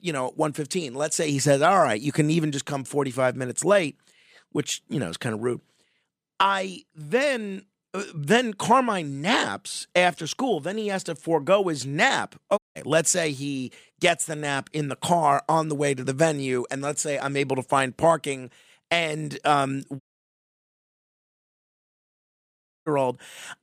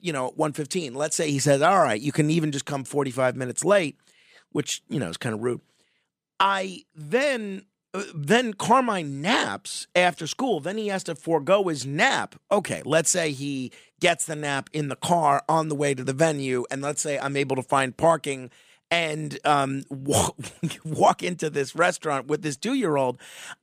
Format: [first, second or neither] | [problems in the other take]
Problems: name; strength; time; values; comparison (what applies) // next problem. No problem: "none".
second | audio cutting out; at 13 s and at 20 s for 3 s